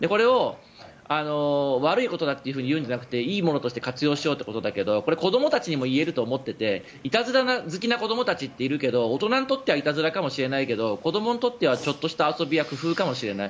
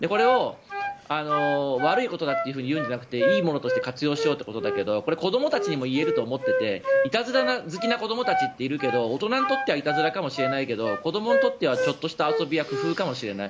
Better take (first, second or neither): first